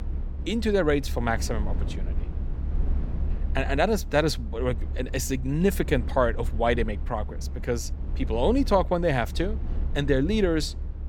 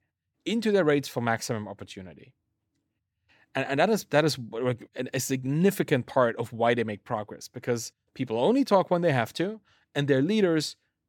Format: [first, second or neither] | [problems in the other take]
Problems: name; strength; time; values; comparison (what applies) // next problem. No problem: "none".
second | low rumble; noticeable; throughout; 20 dB below the speech